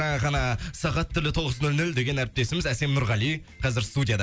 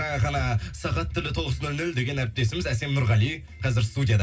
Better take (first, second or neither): first